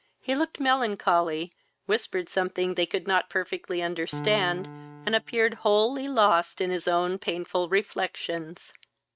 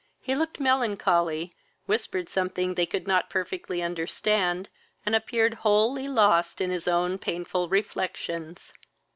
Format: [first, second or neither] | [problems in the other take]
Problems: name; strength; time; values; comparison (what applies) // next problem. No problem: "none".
second | noise reduction (neural mask model RNNoise)